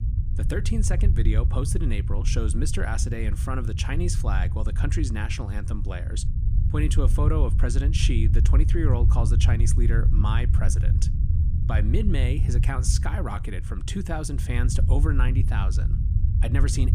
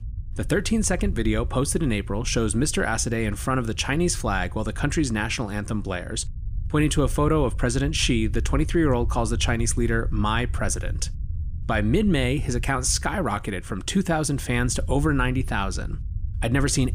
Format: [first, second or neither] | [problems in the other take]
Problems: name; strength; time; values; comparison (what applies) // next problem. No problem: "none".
second | low rumble; loud; throughout; 7 dB below the speech; faint in the second